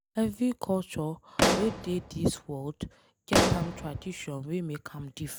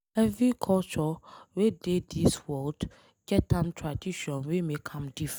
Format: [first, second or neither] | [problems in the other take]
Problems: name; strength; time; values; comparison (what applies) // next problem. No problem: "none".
second | background sound (Explosion); 2 dB above the speech